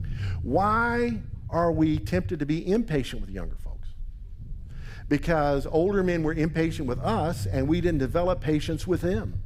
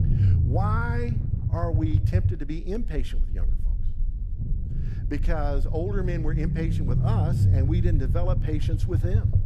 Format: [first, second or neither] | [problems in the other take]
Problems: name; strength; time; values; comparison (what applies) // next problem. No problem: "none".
first | low rumble; loud; throughout; 5 dB below the speech; faint in the first